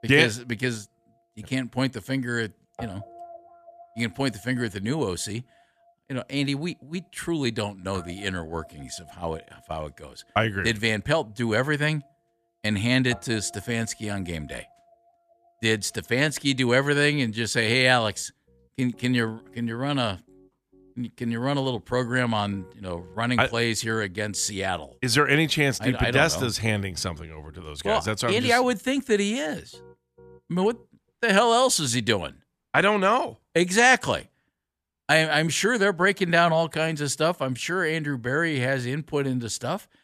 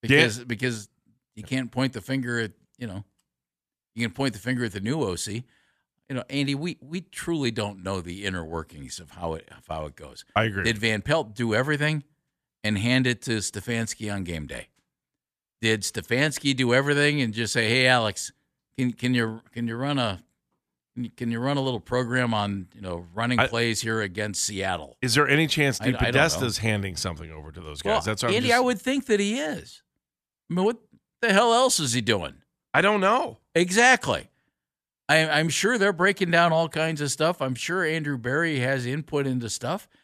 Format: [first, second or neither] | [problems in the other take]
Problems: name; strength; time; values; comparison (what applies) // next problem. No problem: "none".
second | background music; faint; throughout; 25 dB below the speech